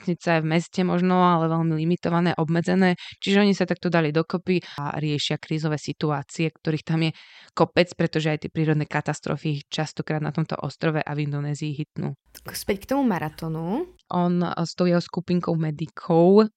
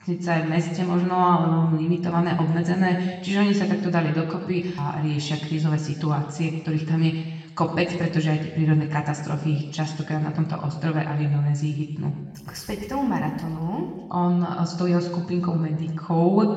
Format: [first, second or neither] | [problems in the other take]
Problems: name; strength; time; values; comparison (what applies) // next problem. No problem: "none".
first | room echo; noticeable; dies away in 1.1 s // off-mic speech; far